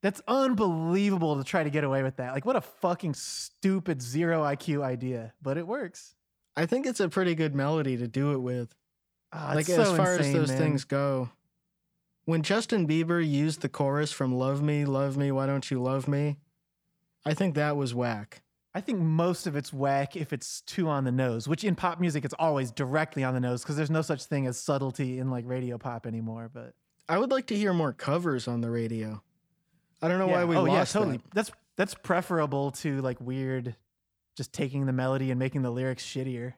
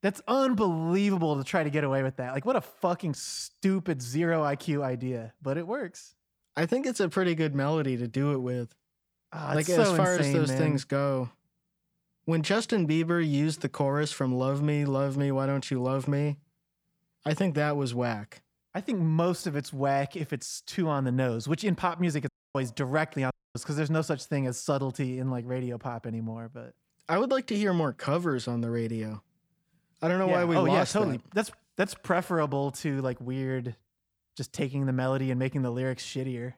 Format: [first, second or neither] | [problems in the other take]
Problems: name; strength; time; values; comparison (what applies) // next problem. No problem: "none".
first | audio cutting out; at 22 s and at 23 s